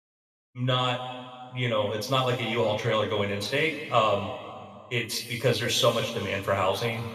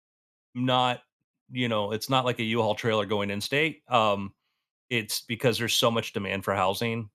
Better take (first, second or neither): second